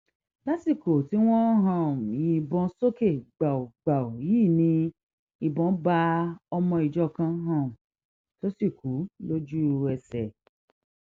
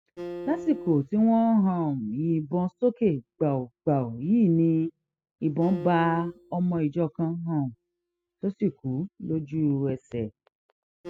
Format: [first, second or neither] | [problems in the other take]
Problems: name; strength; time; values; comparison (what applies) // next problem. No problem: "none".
first | noise reduction (classical method spectral subtraction)